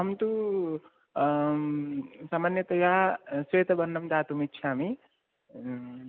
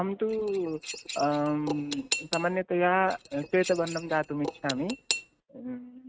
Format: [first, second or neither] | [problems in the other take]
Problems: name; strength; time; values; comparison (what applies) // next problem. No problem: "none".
first | noise reduction (neural mask model RNNoise)